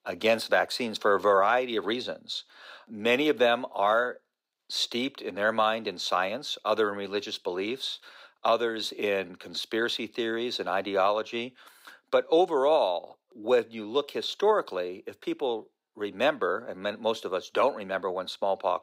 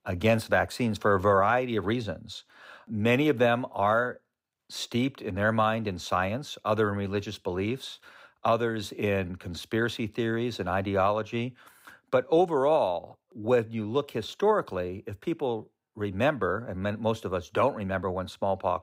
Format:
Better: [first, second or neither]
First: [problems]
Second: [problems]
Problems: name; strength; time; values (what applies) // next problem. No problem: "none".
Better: second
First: thin; somewhat; fading below 350 Hz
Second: none